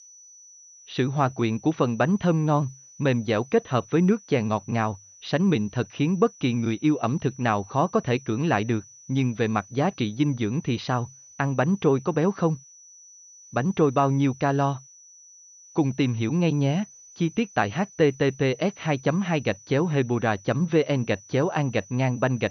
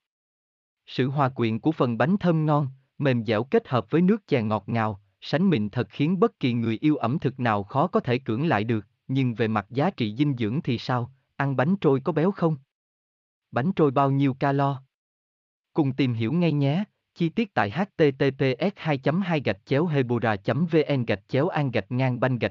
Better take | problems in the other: second | high-pitched whine; faint; throughout; 6 kHz, 20 dB below the speech

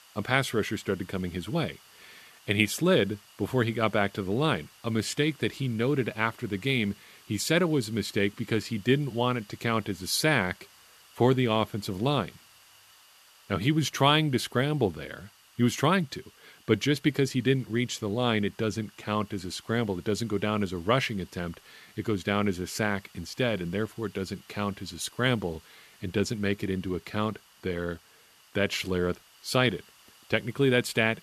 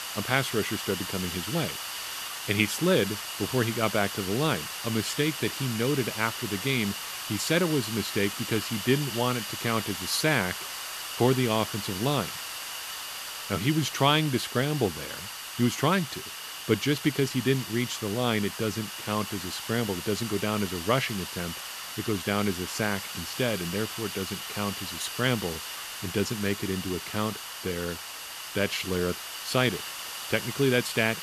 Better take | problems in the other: first | hiss; loud; throughout; 6 dB below the speech; faint in the first

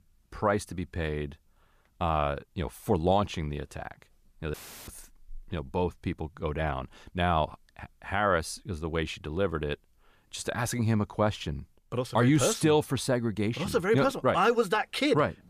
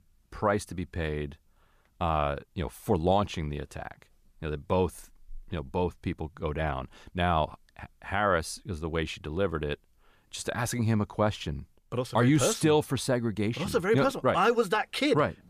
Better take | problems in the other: second | audio cutting out; filled with static; at 4.5 s

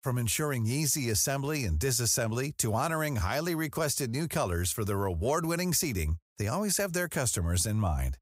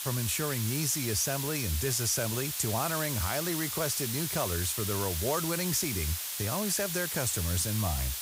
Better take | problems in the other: first | hiss; loud; throughout; 2 dB below the speech

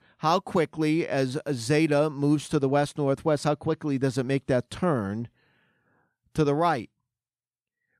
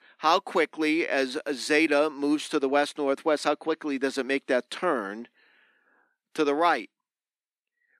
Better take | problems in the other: first | thin; very slightly; fading below 250 Hz

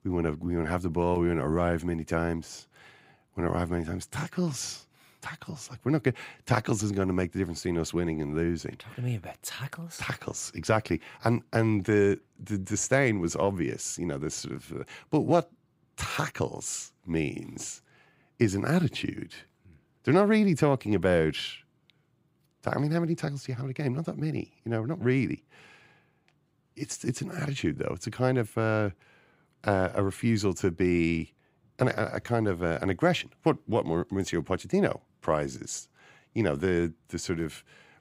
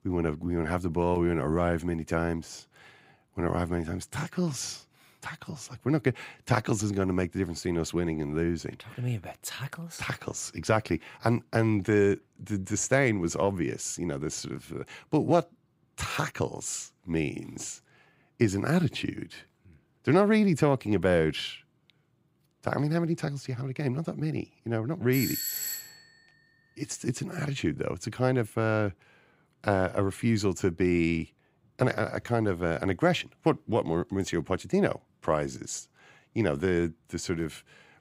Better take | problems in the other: first | doorbell; noticeable; at 25 s; peak 1 dB below the speech

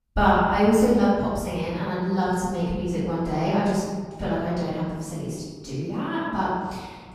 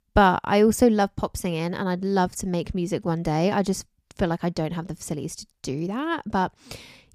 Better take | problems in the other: second | room echo; strong; dies away in 1.4 s // off-mic speech; far

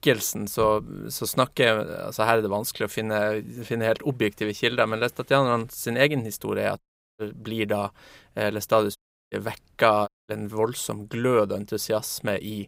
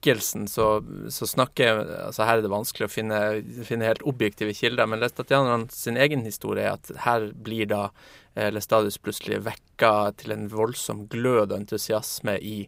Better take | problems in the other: second | audio cutting out; at 7 s, at 9 s and at 10 s

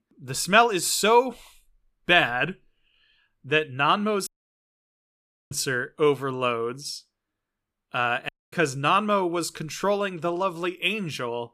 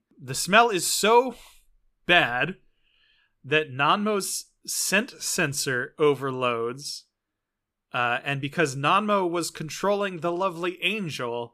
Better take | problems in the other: second | audio cutting out; at 4.5 s for 1 s and at 8.5 s

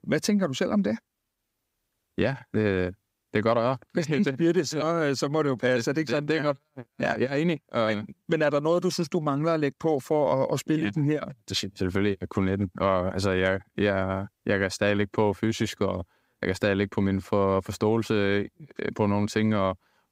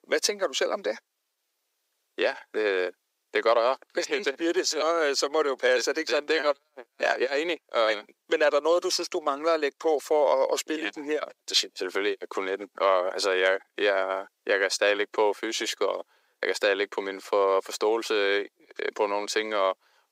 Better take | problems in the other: first | thin; very; fading below 400 Hz

